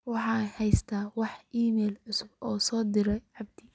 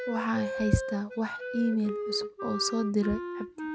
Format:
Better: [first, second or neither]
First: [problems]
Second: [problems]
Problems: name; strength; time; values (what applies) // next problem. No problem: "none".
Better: first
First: none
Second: background sound (Wind instrument, woodwind instrument); 6 dB below the speech